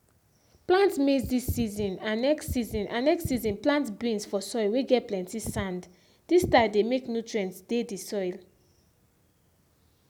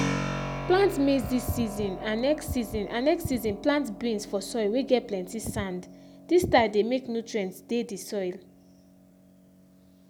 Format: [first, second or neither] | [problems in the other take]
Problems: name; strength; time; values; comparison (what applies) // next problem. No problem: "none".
first | background sound (Keyboard (musical)); 11 dB below the speech